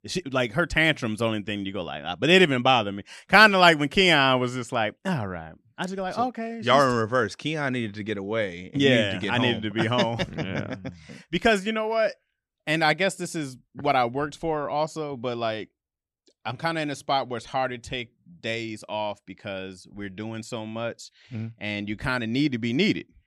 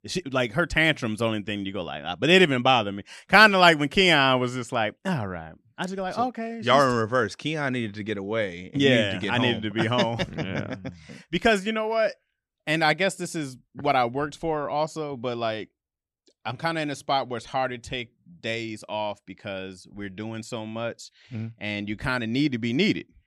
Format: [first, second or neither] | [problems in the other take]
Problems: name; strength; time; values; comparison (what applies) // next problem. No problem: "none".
neither | none